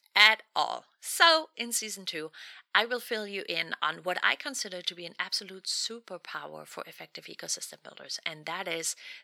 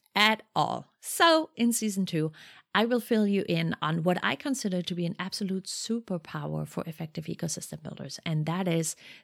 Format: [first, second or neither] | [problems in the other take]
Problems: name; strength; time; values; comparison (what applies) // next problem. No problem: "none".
second | thin; very; fading below 550 Hz